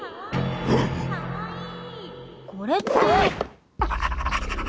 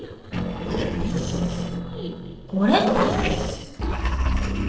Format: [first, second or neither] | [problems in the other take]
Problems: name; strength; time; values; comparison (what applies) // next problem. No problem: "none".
first | noise reduction (neural separator model SepFormer DNS4)